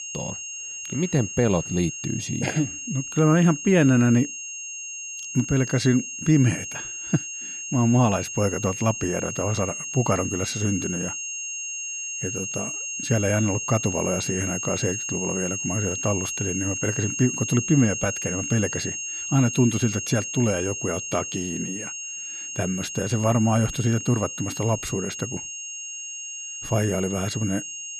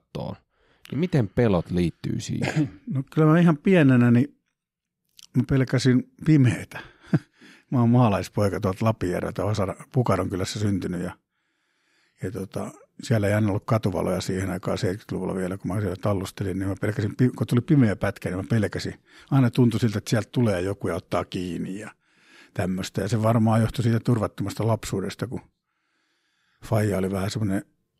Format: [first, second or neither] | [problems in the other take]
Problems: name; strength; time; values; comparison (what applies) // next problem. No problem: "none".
second | high-pitched whine; loud; throughout; 6.5 kHz, 5 dB below the speech